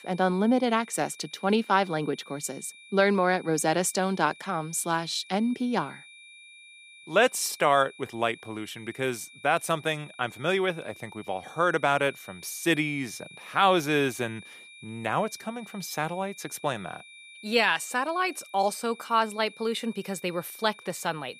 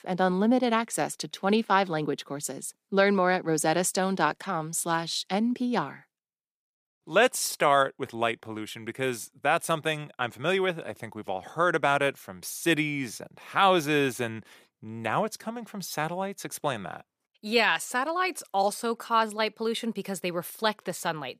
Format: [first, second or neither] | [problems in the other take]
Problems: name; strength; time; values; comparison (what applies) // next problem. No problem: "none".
second | high-pitched whine; noticeable; throughout; 2.5 kHz, 20 dB below the speech